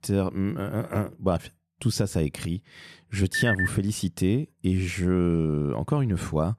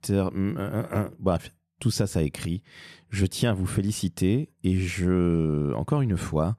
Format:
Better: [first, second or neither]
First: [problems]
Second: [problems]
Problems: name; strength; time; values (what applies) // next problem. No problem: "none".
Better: second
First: phone ringing; loud; at 3.5 s; peak 1 dB above the speech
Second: none